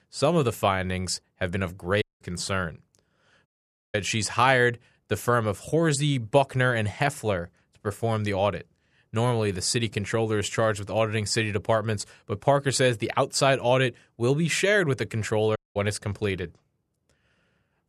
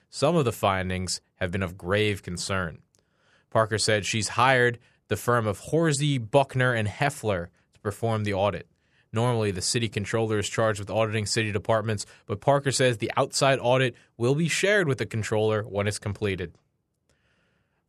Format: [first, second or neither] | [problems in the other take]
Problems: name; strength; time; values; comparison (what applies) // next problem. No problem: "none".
second | audio cutting out; at 2 s, at 3.5 s and at 16 s